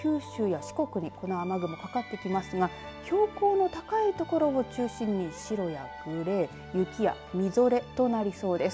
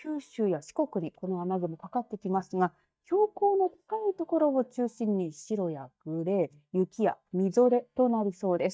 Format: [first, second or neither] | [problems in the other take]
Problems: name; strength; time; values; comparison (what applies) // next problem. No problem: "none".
first | noise reduction (neural mask model DeepFilterNet 3)